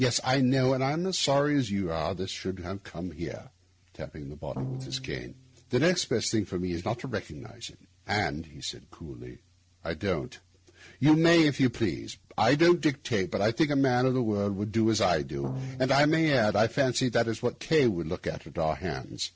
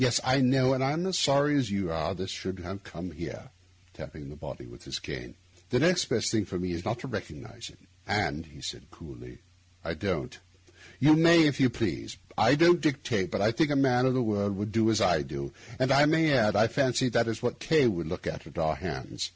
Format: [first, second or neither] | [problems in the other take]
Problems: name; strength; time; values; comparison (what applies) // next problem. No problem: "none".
second | noise reduction (neural separator model SepFormer DNS4)